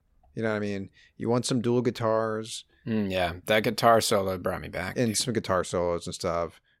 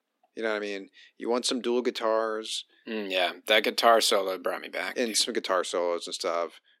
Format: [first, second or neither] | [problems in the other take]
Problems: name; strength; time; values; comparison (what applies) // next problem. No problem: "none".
first | thin; very slightly; fading below 250 Hz